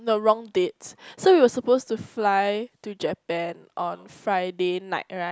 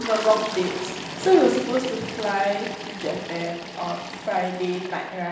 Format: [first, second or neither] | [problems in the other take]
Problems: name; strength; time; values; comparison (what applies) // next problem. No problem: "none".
first | background sound (Toilet flush); 9 dB below the speech // room echo; dies away in 0.9 s